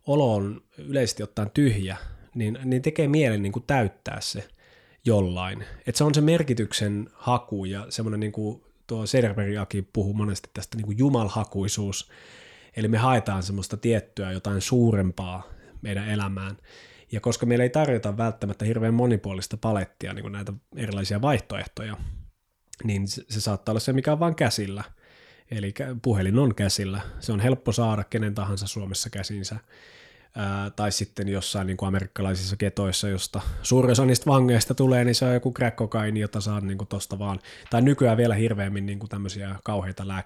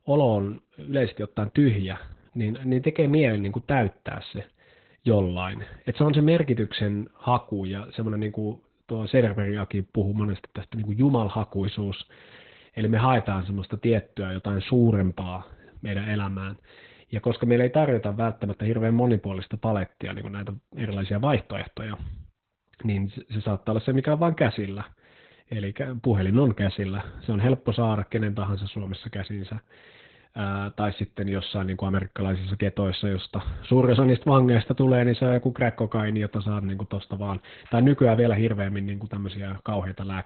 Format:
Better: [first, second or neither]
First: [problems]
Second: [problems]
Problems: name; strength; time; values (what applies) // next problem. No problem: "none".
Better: first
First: none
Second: garbled, watery; badly; nothing above 4 kHz